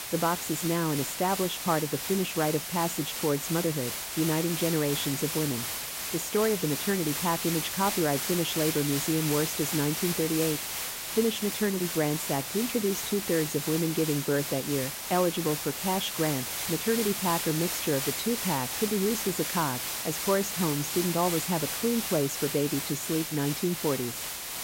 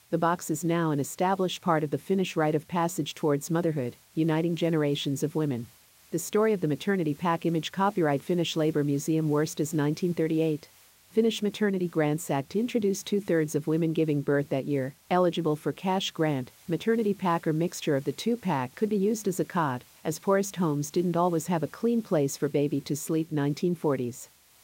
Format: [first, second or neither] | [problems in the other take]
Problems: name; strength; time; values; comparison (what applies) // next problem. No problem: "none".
second | hiss; loud; throughout; 2 dB below the speech; faint in the second